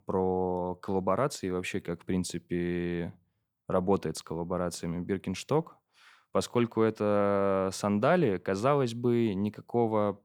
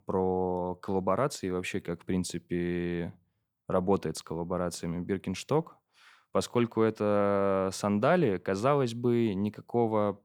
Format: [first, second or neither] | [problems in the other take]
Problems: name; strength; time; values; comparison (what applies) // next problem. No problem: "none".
neither | none